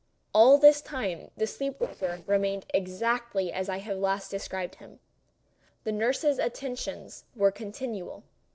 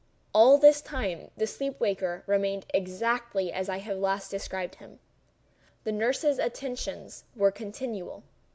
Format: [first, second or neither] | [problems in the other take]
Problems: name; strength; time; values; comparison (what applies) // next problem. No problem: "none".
second | noise reduction (neural separator model SepFormer DNS4)